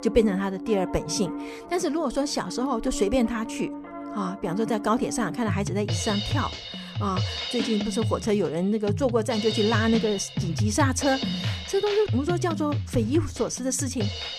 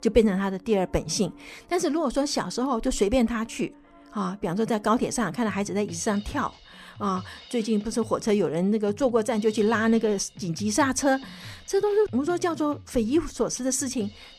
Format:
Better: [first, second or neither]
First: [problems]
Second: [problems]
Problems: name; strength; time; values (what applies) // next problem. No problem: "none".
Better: second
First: background music; loud; throughout; 5 dB below the speech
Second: background music; faint; throughout; 20 dB below the speech